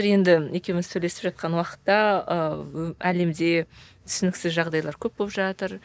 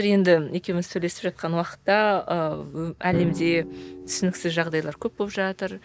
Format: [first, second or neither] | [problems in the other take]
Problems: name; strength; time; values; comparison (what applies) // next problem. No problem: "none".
first | background sound (Drum); 13 dB below the speech